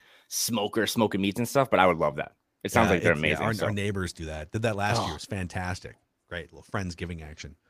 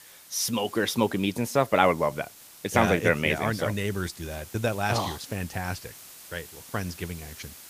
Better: first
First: none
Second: hiss; noticeable; throughout; 20 dB below the speech

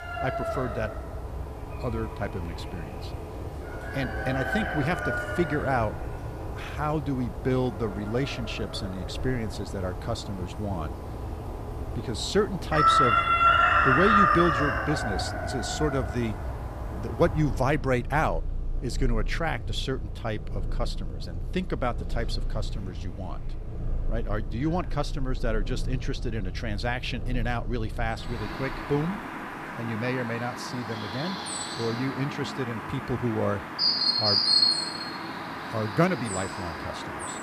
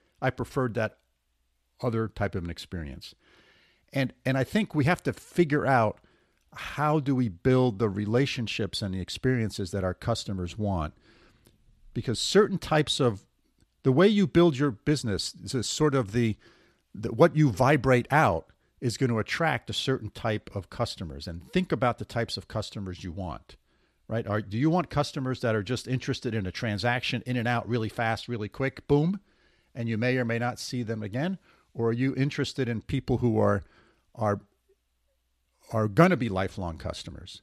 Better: second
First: animal sounds; very loud; throughout; 1 dB above the speech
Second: none

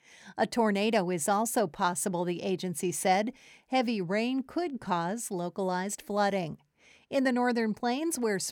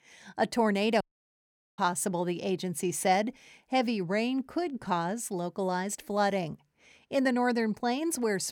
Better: first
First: none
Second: audio cutting out; at 1 s for 1 s

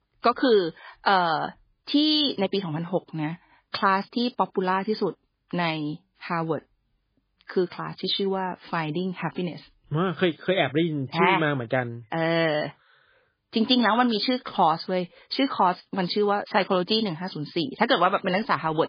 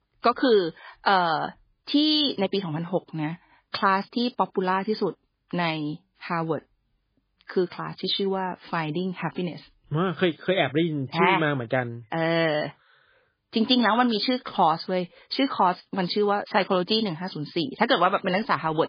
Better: neither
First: garbled, watery; badly; nothing above 4.5 kHz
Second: garbled, watery; badly; nothing above 4.5 kHz

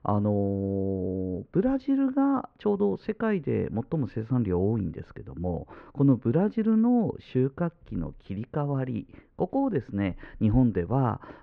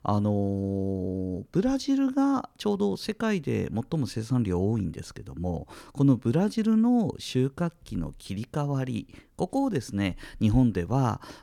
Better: second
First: muffled; very; fading above 2 kHz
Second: none

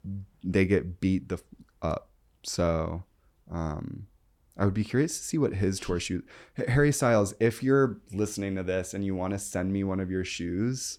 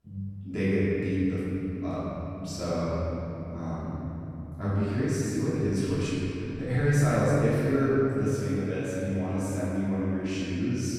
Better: first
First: none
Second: room echo; strong; dies away in 3 s // off-mic speech; far

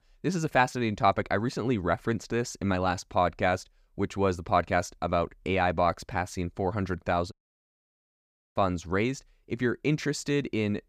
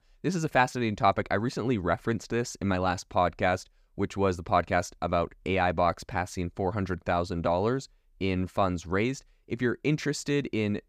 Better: second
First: audio cutting out; at 7.5 s for 1 s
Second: none

